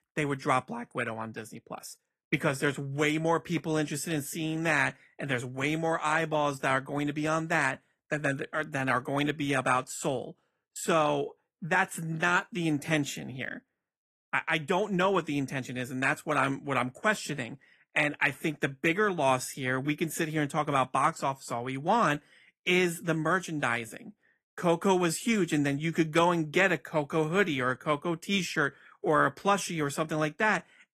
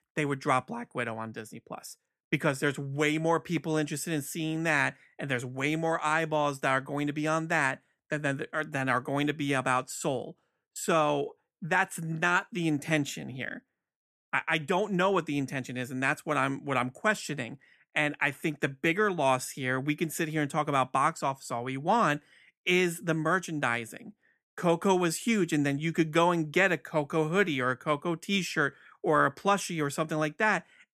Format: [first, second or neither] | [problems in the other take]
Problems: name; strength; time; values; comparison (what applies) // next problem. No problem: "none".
second | garbled, watery; slightly; nothing above 13.5 kHz